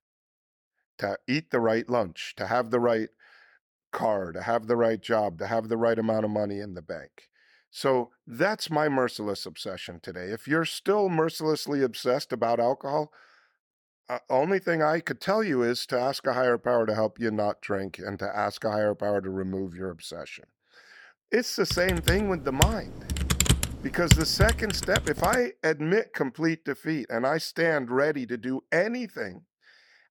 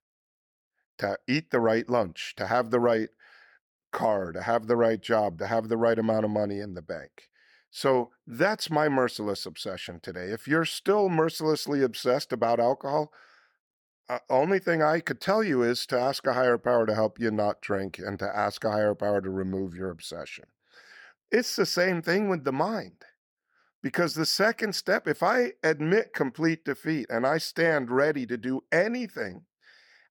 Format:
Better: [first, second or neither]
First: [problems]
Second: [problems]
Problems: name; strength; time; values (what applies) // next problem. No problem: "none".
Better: second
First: keyboard typing; loud; from 22 to 25 s; peak 5 dB above the speech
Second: none